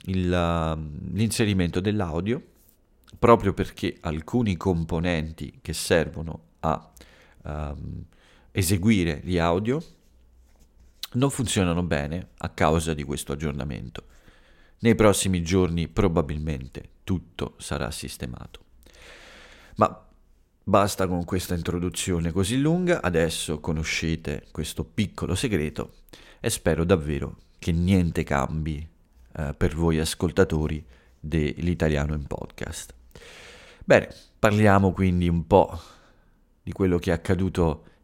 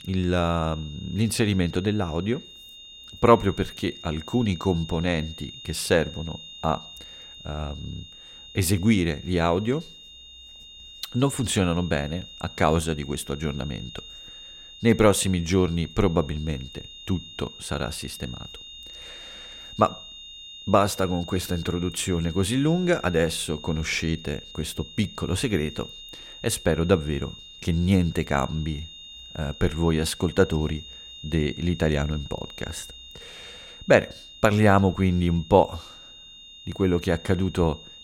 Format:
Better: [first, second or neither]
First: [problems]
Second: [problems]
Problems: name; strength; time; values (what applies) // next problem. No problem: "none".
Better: first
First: none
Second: high-pitched whine; noticeable; throughout; 3.5 kHz, 15 dB below the speech